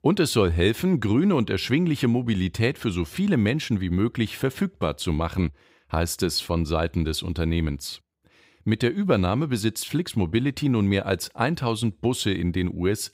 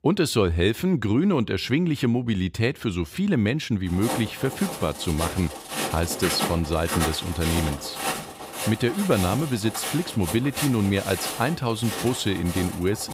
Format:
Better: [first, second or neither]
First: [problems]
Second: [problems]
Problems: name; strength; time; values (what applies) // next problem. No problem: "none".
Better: first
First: none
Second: footsteps; noticeable; from 4 s on; peak 1 dB below the speech